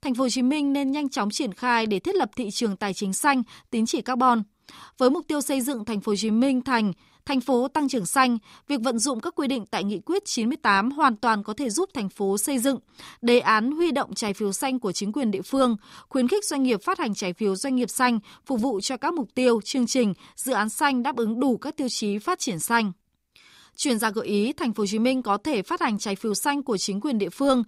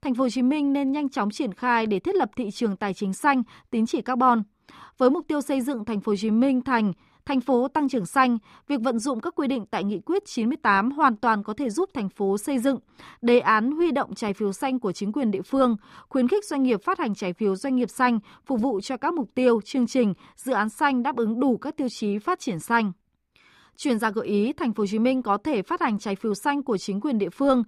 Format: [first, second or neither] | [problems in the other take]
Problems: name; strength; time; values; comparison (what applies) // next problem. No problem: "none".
first | muffled; slightly; fading above 3 kHz